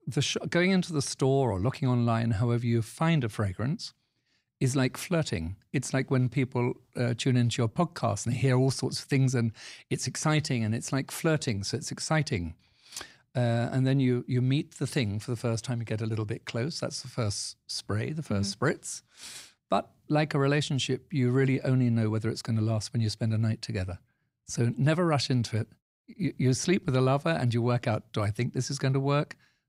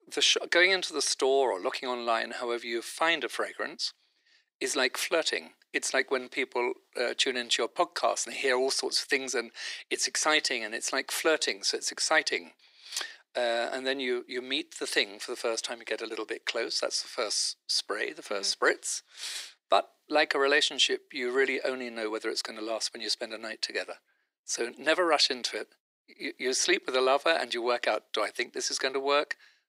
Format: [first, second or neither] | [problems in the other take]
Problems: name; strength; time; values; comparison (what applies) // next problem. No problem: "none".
first | thin; very; fading below 350 Hz